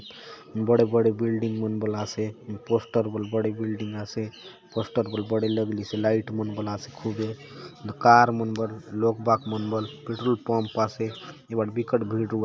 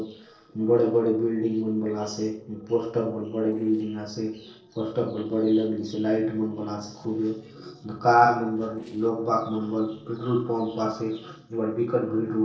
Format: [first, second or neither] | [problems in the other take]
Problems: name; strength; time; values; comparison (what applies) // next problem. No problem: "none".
first | noise reduction (neural separator model SepFormer DNS4)